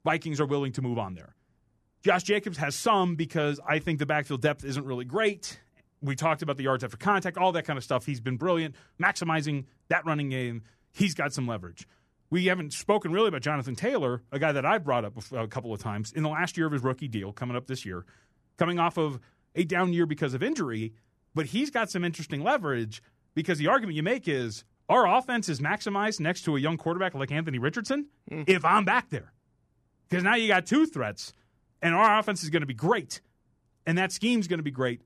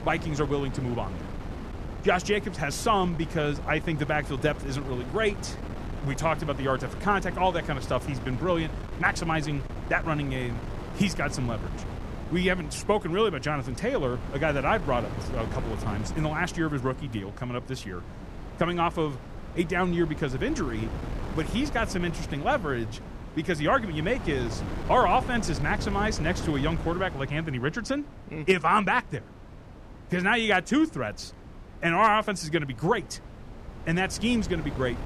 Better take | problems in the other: first | wind noise on the microphone; occasional gusts; 15 dB below the speech

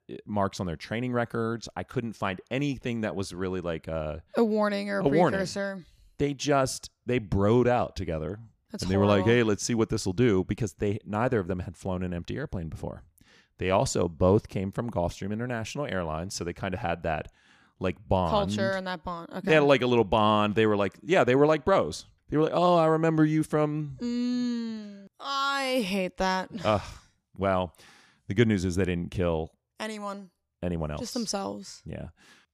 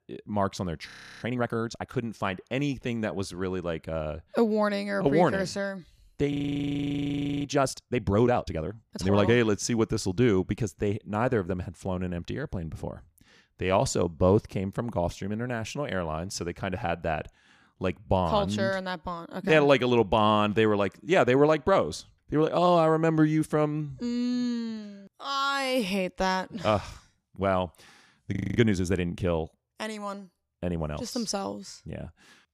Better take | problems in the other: first | audio freezing; at 1 s, at 6.5 s for 1 s and at 28 s

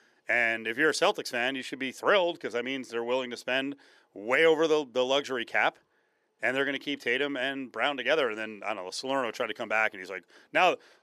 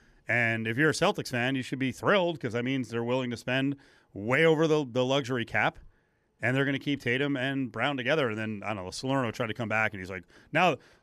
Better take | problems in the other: second | thin; somewhat; fading below 400 Hz

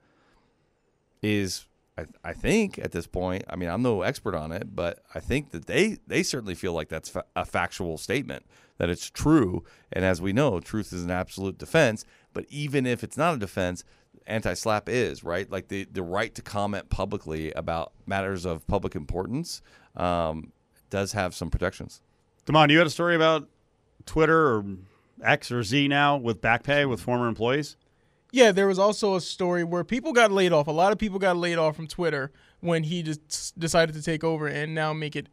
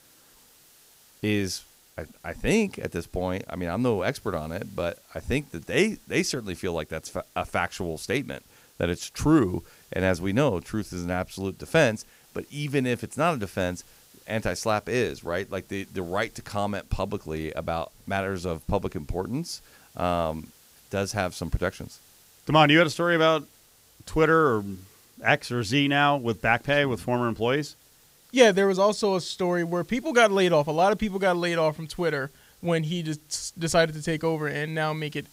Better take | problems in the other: first | hiss; faint; throughout; 30 dB below the speech

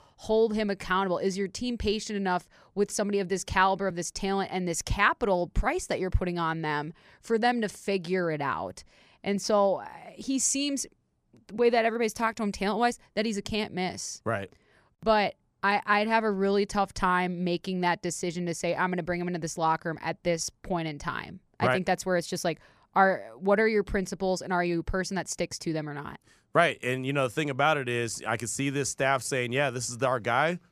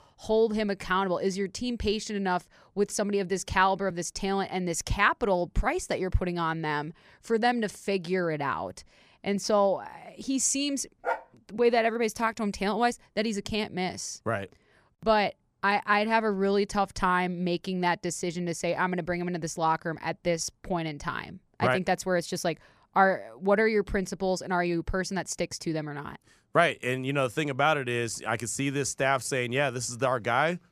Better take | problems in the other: first | dog barking; noticeable; at 11 s; peak 5 dB below the speech

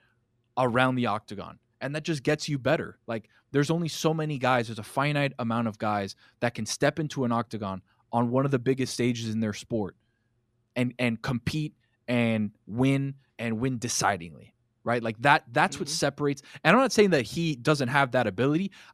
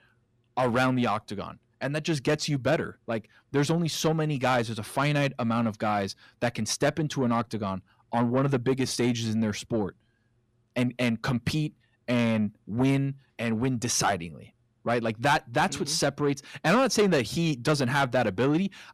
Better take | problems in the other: first | distortion; slight; 10 dB below the speech

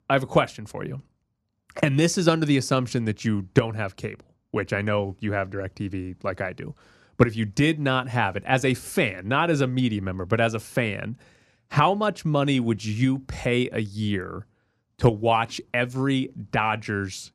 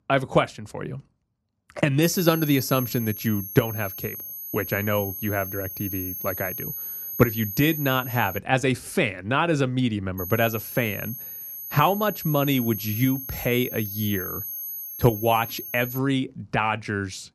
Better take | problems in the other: first | high-pitched whine; loud; from 2 to 8.5 s and from 10 to 16 s; 12 kHz, 7 dB below the speech

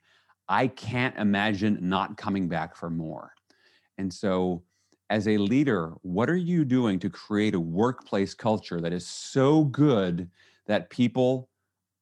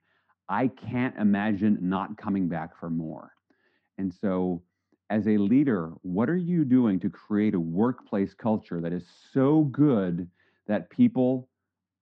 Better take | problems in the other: first | muffled; very; fading above 2 kHz

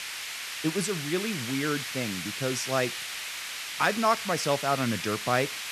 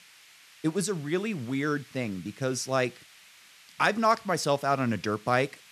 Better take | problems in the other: second | hiss; loud; throughout; 4 dB below the speech; faint in the second

